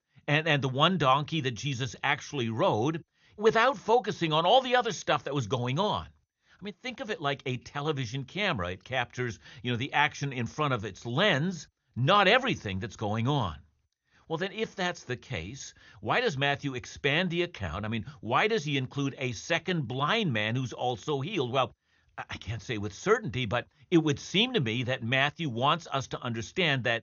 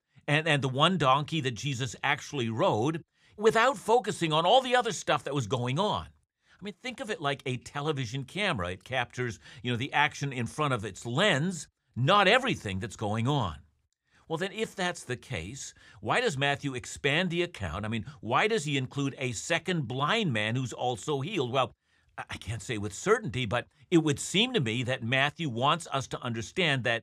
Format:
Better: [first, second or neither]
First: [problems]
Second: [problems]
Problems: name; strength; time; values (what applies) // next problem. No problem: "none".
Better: second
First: garbled, watery; slightly; nothing above 6.5 kHz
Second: none